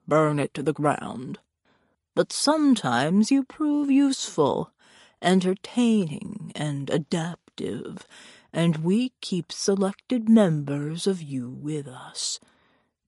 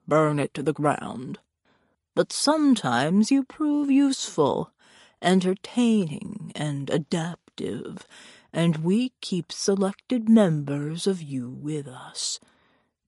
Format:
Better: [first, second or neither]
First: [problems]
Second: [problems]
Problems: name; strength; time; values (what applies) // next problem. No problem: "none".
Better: neither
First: garbled, watery; slightly; nothing above 11 kHz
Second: garbled, watery; slightly; nothing above 11 kHz